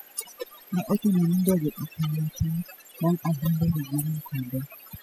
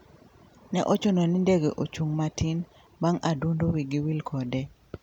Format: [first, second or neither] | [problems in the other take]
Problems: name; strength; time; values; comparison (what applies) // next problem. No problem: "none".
second | noise reduction (classical method spectral subtraction)